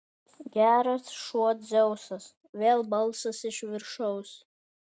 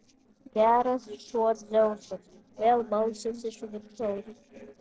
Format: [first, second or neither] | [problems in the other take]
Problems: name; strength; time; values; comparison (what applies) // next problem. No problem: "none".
first | noise reduction (neural separator model SepFormer DNS4)